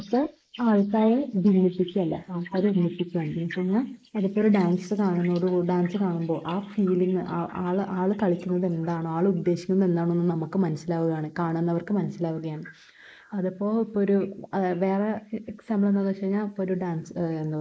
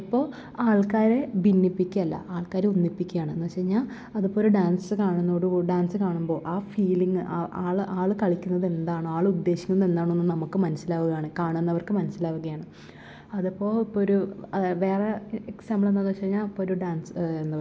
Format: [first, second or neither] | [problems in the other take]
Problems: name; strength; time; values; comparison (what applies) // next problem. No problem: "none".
second | noise reduction (neural mask model Resemble Enhance denoiser)